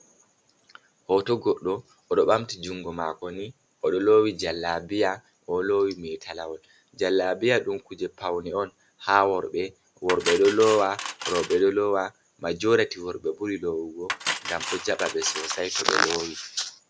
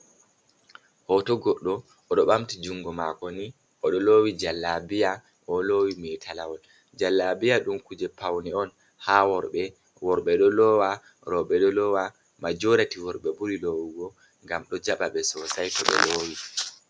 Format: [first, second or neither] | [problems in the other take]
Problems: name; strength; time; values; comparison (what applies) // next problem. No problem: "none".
second | background sound (Cutlery, silverware); 10 dB below the speech